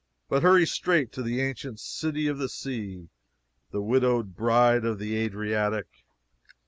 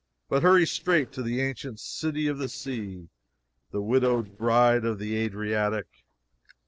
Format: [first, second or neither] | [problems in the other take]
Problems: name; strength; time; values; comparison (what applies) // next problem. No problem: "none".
first | noise reduction (neural separator model SepFormer DNS4)